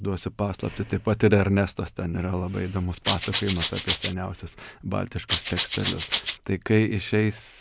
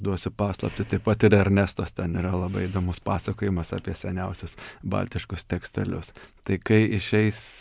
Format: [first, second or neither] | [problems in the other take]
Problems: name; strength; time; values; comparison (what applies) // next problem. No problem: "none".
second | background sound (Rattle (instrument)); 3 dB below the speech